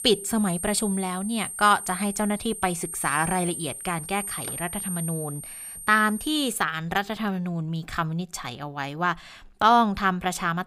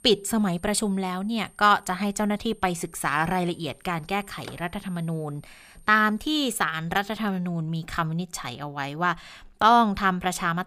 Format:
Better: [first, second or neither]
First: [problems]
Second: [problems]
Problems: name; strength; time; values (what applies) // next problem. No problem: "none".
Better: second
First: high-pitched whine; loud; until 6.5 s; 8.5 kHz, 7 dB below the speech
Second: high-pitched whine; faint; until 6.5 s; 8.5 kHz, 30 dB below the speech